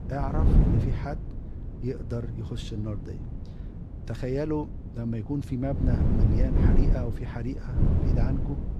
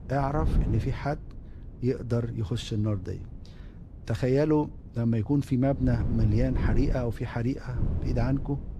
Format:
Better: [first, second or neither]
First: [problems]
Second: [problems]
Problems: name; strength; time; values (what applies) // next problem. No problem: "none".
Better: second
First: wind noise on the microphone; heavy; 1 dB below the speech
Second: wind noise on the microphone; occasional gusts; 10 dB below the speech